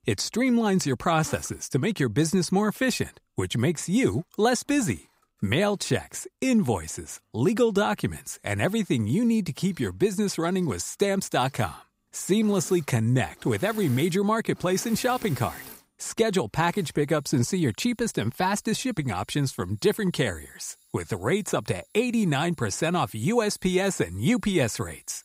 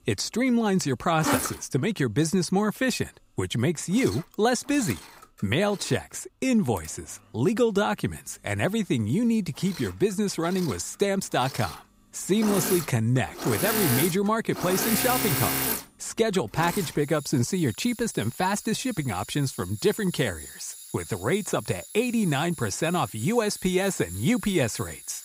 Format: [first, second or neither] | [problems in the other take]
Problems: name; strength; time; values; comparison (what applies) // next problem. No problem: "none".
first | machinery noise; loud; throughout; 6 dB below the speech; faint in the first